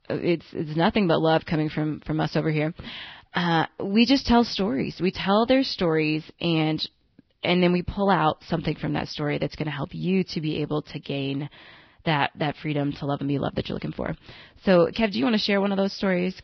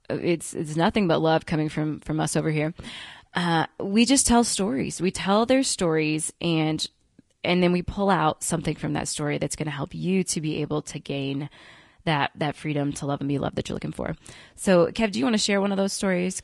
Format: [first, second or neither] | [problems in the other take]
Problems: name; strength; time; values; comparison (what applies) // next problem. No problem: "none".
second | garbled, watery; badly; nothing above 5.5 kHz; slightly in the second